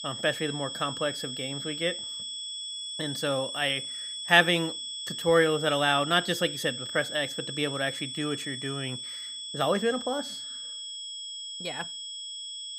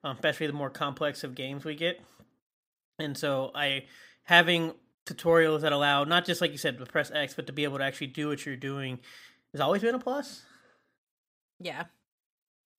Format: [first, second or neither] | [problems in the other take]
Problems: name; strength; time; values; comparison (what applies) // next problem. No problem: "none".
second | high-pitched whine; loud; throughout; 3.5 kHz, 7 dB below the speech